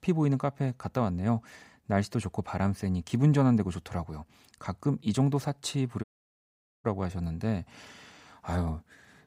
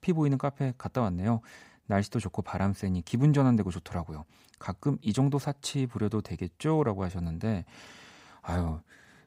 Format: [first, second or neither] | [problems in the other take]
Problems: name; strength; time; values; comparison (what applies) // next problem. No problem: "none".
second | audio cutting out; at 6 s for 1 s